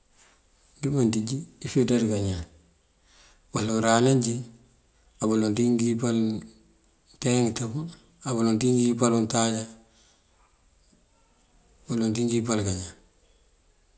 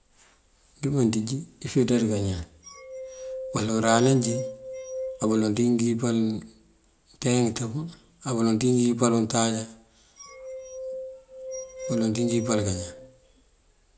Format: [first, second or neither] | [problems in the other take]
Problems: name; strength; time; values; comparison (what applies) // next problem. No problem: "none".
first | background sound (Glass); 10 dB below the speech